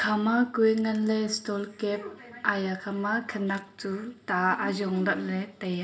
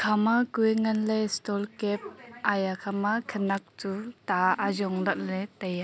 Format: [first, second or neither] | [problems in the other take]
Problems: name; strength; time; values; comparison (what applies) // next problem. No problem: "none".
second | room echo; dies away in 0.5 s